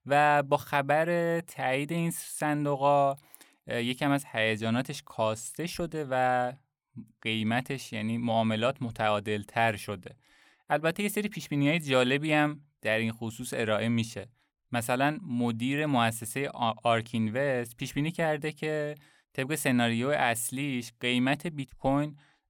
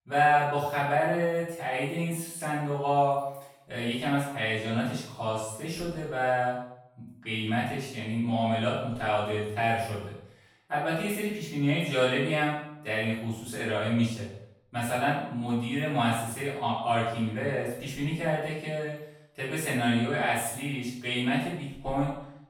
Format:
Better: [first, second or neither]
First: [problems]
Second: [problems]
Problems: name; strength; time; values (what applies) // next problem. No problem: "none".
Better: first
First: none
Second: off-mic speech; far // room echo; noticeable; dies away in 0.6 s